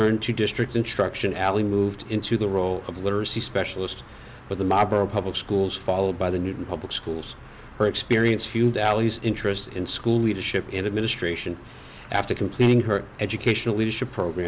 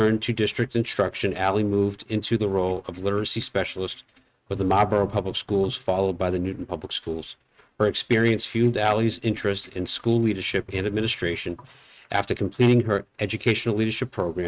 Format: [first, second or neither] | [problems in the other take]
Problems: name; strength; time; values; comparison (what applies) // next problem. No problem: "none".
first | noise reduction (neural mask model RNNoise)